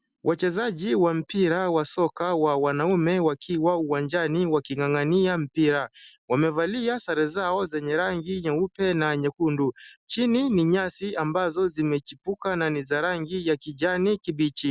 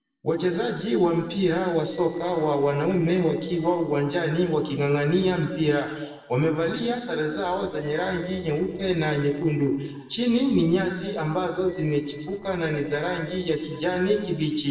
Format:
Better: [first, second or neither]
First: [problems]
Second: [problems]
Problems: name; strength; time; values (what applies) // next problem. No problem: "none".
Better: first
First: none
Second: noise reduction (neural separator model SepFormer DNS4)